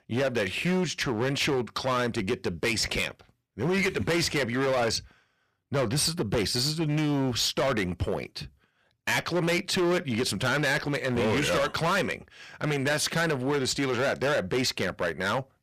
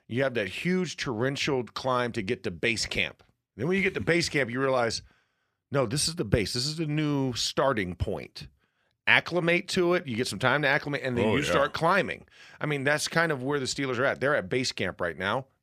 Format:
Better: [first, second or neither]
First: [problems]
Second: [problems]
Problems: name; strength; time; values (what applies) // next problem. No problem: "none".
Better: second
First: distortion; heavy; 16% of the sound clipped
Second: none